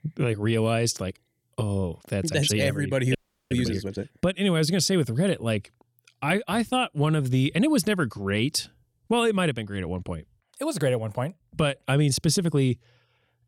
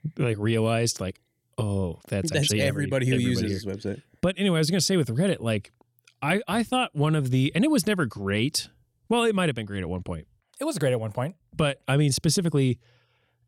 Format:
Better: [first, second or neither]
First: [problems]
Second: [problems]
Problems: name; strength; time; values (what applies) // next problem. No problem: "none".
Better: second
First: audio freezing; at 3 s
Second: none